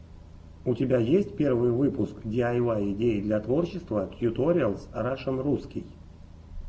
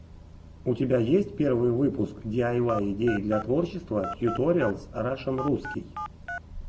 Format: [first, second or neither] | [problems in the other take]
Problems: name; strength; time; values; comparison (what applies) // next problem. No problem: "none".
first | background sound (Telephone); 11 dB below the speech